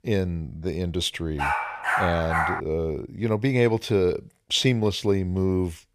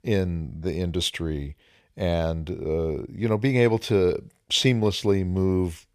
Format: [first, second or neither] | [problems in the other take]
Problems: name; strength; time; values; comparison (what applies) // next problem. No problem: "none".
second | dog barking; loud; from 1.5 to 2.5 s; peak 1 dB above the speech